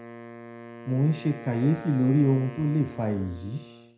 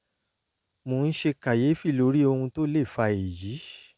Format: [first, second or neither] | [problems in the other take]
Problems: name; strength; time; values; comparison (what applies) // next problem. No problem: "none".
second | background sound (Wind instrument, woodwind instrument); 16 dB below the speech // room echo; dies away in 0.4 s